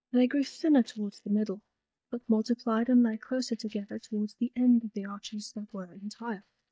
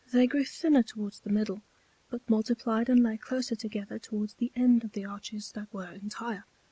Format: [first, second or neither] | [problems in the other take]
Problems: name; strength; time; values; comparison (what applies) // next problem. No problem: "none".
second | noise reduction (neural mask model DeepFilterNet 3)